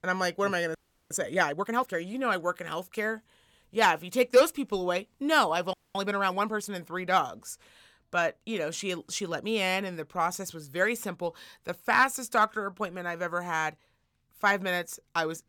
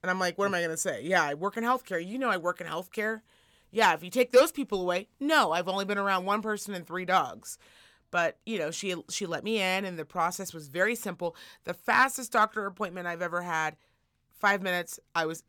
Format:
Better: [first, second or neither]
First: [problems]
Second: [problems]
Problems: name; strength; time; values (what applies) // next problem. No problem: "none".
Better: second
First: audio freezing; at 1 s and at 5.5 s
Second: none